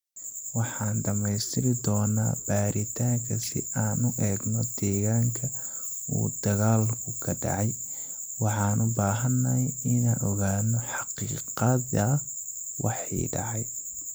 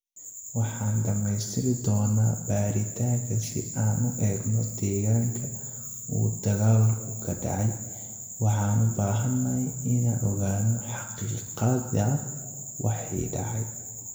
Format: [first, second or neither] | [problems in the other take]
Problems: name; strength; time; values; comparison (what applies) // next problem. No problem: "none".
first | room echo; dies away in 1.3 s